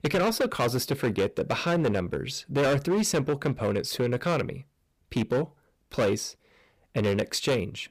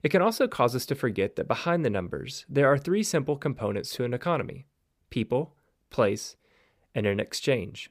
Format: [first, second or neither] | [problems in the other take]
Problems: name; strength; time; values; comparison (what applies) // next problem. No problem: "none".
second | distortion; heavy; 11% of the sound clipped